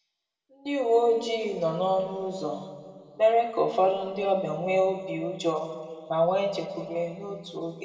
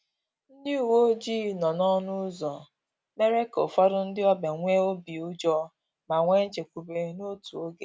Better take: second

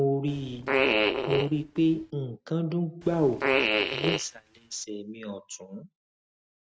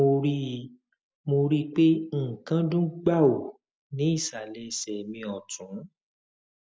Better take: second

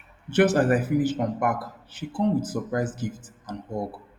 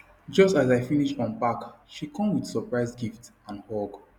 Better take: second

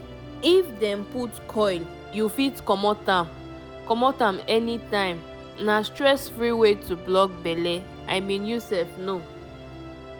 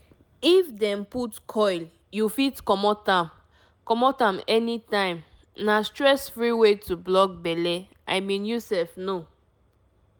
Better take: second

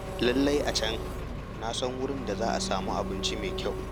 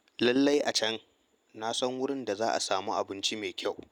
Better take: second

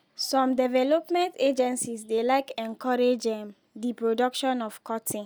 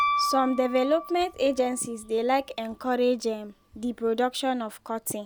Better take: first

